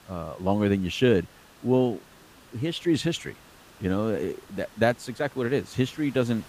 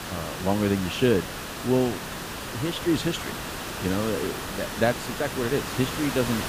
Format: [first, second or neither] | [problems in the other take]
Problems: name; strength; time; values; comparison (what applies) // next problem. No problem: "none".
first | hiss; loud; throughout; 6 dB below the speech; faint in the first